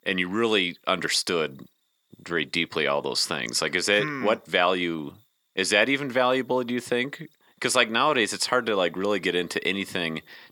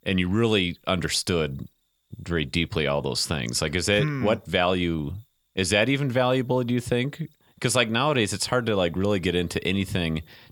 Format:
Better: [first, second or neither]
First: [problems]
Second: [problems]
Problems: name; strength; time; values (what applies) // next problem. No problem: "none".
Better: second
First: thin; very slightly; fading below 300 Hz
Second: none